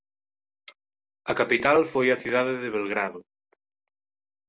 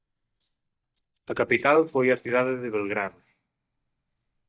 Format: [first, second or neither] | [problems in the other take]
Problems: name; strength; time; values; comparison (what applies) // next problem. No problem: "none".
first | noise reduction (neural mask model DeepFilterNet 3)